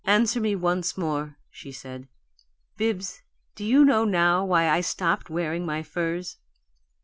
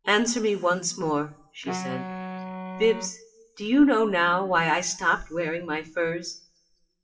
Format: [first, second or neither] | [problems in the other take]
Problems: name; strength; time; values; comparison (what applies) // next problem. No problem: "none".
first | noise reduction (classical method WPE with log-MMSE)